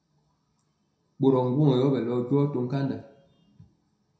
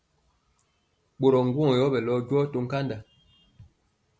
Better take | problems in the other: second | room echo; dies away in 0.6 s

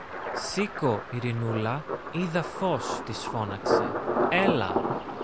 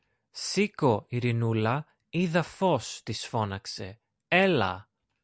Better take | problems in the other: second | background sound (Thunder); as loud as the speech

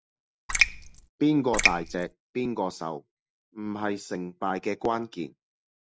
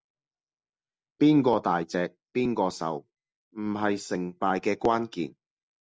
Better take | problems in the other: second | background sound (Raindrop); 4 dB above the speech

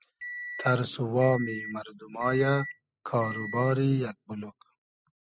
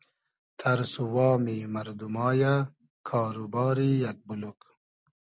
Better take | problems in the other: second | noise reduction (classical method spectral subtraction)

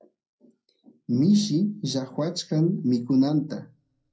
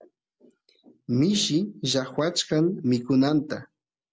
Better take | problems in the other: second | room echo; dies away in 0.2 s

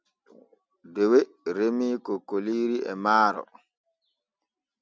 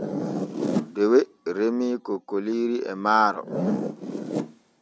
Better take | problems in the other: first | background sound (Zipper (clothing)); 5 dB below the speech

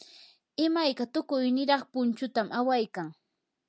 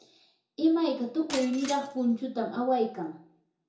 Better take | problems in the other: first | background sound (Shatter); 14 dB below the speech // room echo; dies away in 0.6 s

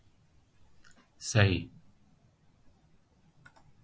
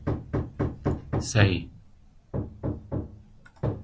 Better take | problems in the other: first | background sound (Hammer); 1 dB above the speech

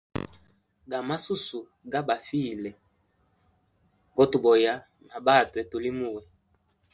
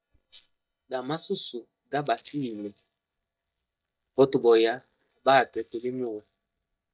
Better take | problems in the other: first | noise reduction (neural mask model DeepFilterNet 3)

